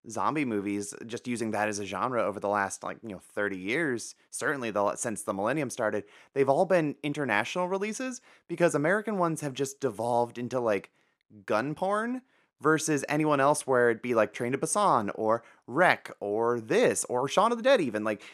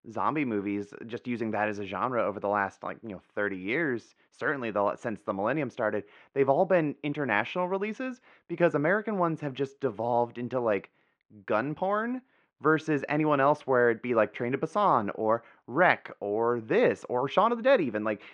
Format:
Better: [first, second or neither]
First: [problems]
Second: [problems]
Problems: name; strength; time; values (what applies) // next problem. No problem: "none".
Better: first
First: none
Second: muffled; very; fading above 3 kHz